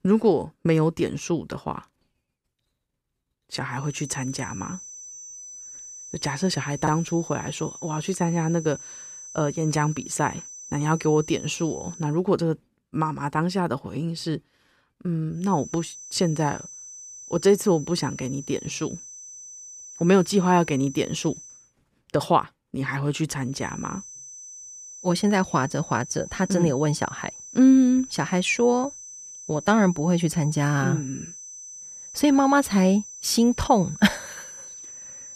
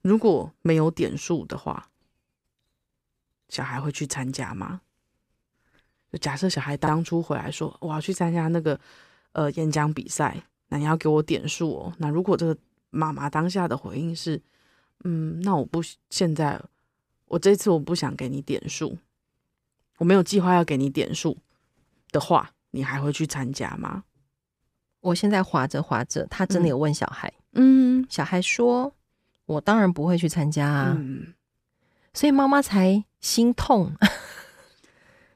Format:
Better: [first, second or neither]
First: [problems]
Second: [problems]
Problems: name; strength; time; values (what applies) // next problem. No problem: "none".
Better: second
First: high-pitched whine; noticeable; from 4 to 12 s, from 15 to 22 s and from 24 s on; 6 kHz, 15 dB below the speech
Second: none